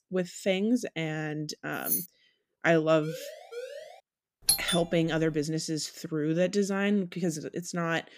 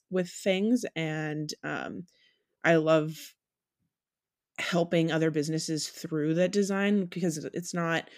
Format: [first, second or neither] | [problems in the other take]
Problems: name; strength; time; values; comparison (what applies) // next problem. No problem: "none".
second | jangling keys; noticeable; at 2 s; peak level with the speech // siren; faint; at 3 s; peak 10 dB below the speech // doorbell; loud; at 4.5 s; peak 4 dB above the speech